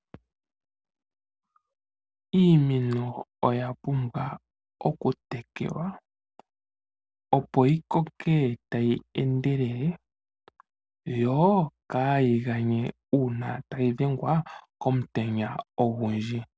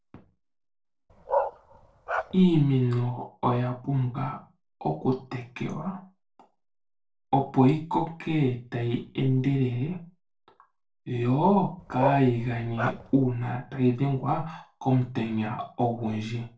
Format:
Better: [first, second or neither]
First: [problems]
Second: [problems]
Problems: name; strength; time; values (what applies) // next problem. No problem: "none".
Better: first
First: none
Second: noise reduction (neural separator model SepFormer DNS4)